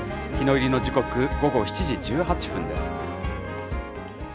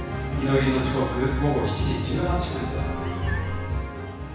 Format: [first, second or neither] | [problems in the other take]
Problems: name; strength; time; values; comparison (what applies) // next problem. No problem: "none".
first | background sound (Meow); 14 dB below the speech // room echo; dies away in 1.1 s